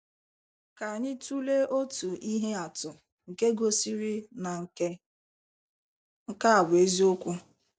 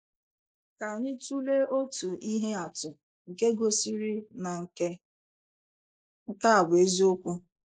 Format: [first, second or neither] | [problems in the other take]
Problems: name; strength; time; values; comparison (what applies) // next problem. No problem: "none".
first | noise reduction (neural mask model Resemble Enhance denoiser)